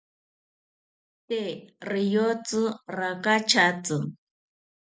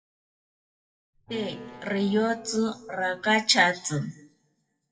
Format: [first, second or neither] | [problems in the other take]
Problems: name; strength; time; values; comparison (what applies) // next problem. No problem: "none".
first | noise reduction (classical method WPE with log-MMSE)